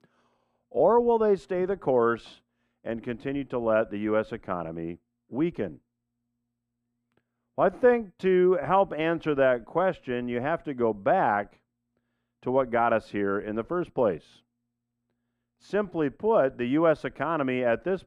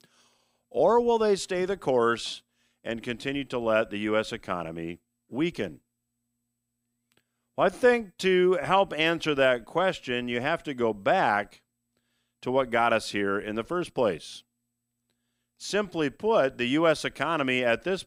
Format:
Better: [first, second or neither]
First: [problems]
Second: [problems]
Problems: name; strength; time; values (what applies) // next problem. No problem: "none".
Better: second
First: muffled; very; fading above 2.5 kHz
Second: none